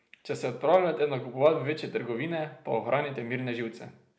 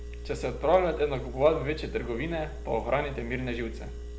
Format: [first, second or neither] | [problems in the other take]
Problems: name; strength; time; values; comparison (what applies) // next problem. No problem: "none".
first | background sound (Engine); 9 dB below the speech